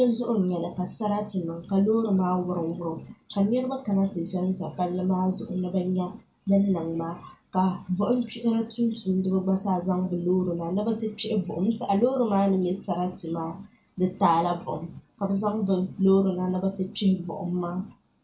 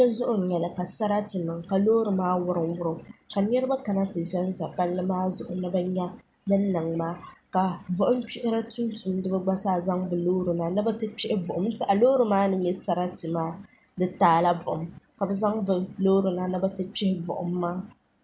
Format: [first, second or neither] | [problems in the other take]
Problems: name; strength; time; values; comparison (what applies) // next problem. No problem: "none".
second | room echo; dies away in 0.2 s